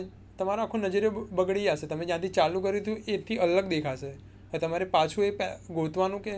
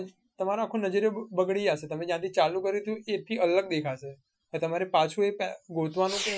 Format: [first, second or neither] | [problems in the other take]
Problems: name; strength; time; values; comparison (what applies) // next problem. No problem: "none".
first | noise reduction (classical method Wiener filter)